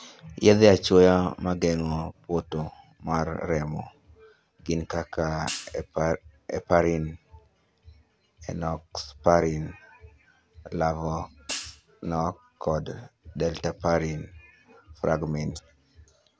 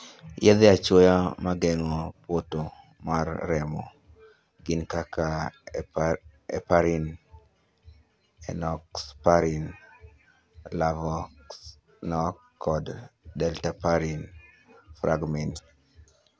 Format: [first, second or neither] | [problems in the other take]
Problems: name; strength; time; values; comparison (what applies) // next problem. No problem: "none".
second | background sound (Hi-hat); 12 dB below the speech